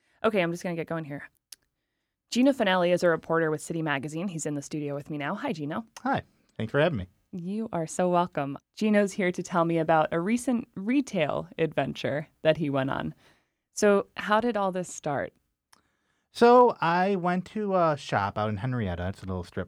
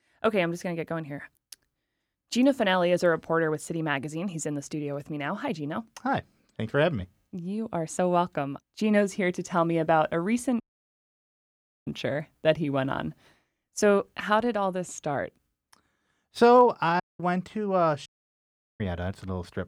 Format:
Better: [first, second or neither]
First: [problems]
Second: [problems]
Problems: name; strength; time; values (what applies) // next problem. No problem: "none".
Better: first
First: none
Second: audio cutting out; at 11 s for 1.5 s, at 17 s and at 18 s for 0.5 s